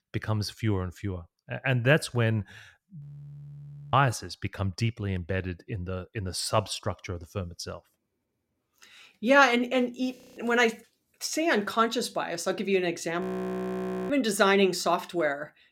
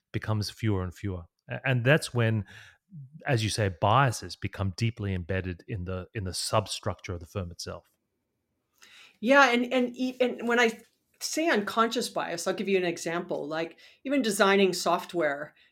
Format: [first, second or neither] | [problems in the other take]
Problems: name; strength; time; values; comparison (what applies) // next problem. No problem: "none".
second | audio freezing; at 3 s for 1 s, at 10 s and at 13 s for 1 s